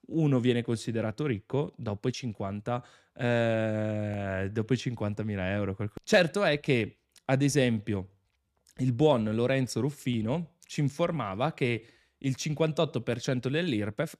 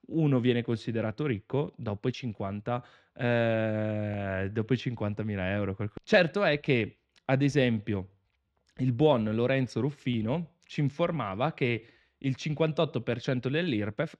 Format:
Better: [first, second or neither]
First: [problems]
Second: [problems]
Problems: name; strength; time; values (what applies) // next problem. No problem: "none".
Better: first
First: none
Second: muffled; very slightly; fading above 3.5 kHz